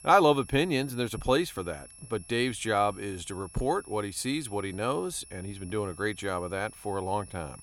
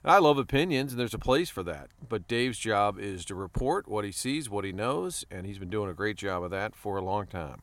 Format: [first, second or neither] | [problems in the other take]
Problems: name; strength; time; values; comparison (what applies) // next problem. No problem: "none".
second | high-pitched whine; noticeable; throughout; 11 kHz, 20 dB below the speech